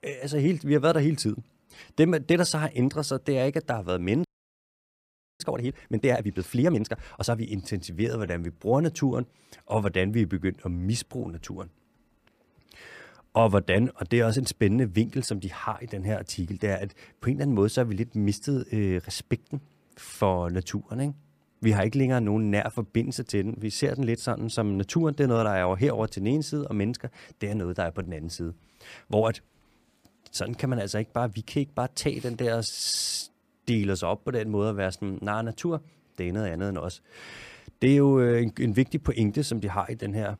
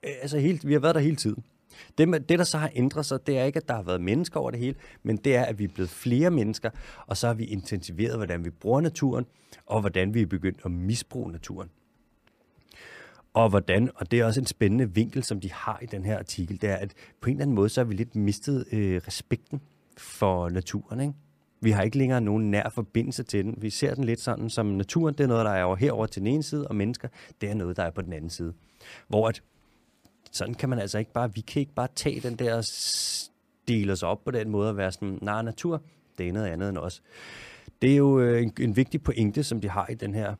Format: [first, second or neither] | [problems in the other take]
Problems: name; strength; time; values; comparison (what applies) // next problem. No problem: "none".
second | audio freezing; at 4 s for 1 s